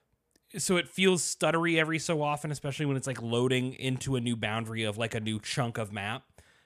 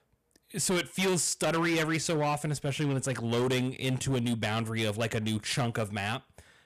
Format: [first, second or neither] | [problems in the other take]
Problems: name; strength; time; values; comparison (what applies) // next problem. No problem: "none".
first | distortion; heavy; 14% of the sound clipped